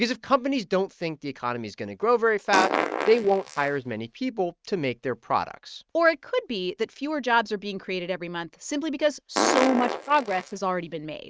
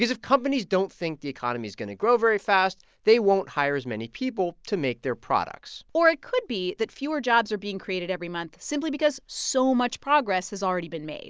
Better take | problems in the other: second | noise reduction (neural mask model RNNoise)

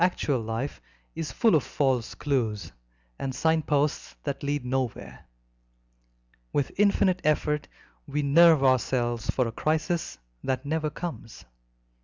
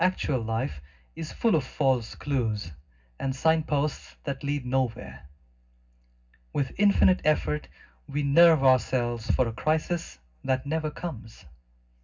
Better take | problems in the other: first | room echo; dies away in 0.4 s

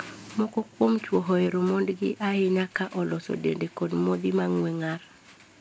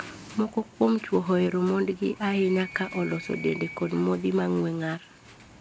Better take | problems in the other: first | background sound (Animal); 19 dB below the speech

